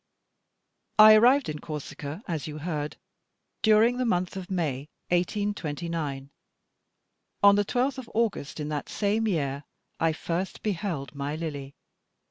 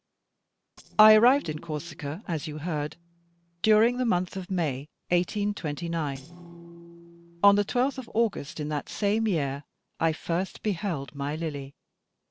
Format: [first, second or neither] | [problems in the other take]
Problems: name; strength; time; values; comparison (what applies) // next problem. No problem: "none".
first | noise reduction (neural separator model SepFormer DNS4)